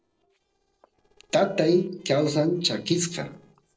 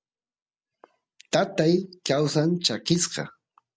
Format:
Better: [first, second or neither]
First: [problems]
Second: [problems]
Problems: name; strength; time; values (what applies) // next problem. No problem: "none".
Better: second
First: noise reduction (neural separator model SepFormer DNS4)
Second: none